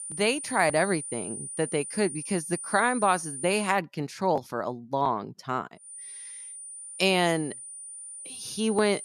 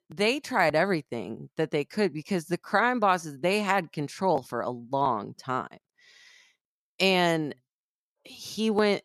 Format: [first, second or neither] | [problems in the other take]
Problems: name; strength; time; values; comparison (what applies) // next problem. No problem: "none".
second | high-pitched whine; loud; until 3.5 s and from 6 s on; 9.5 kHz, 9 dB below the speech